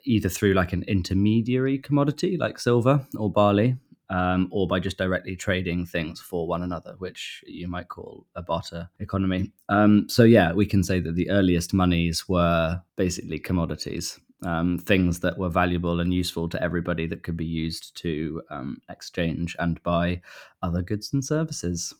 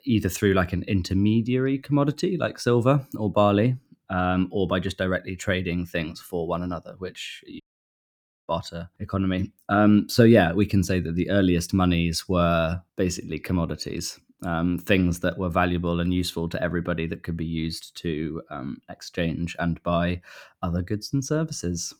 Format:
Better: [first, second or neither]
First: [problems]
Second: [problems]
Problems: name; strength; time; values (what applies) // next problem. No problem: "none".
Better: first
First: none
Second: audio cutting out; at 7.5 s for 1 s